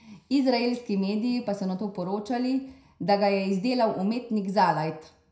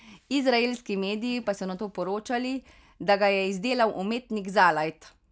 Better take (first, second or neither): second